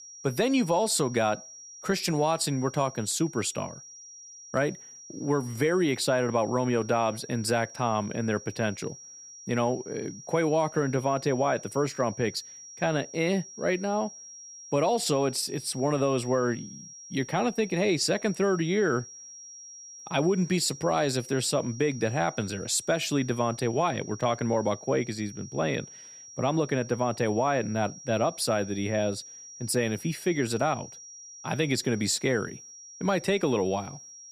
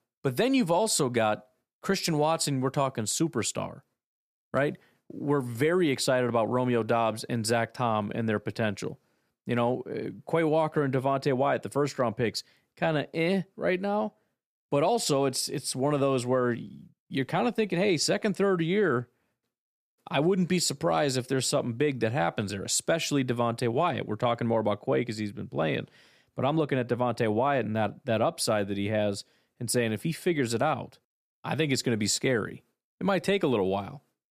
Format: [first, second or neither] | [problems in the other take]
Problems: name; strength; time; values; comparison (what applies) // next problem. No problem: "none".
second | high-pitched whine; noticeable; throughout; 5.5 kHz, 15 dB below the speech